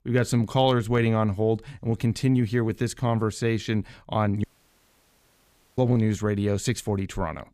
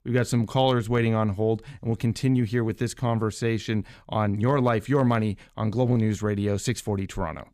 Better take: second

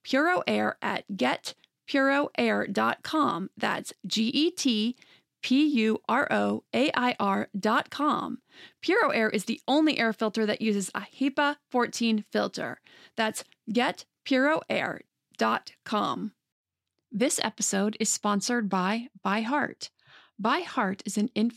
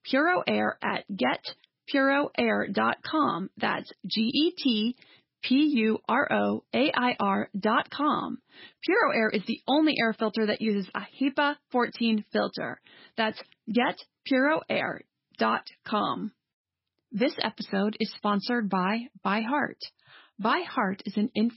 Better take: first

